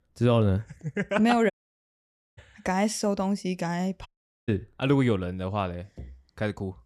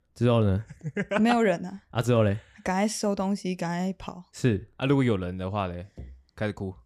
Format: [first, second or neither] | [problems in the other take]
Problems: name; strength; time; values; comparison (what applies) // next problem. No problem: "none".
second | audio cutting out; at 1.5 s for 1 s and at 4 s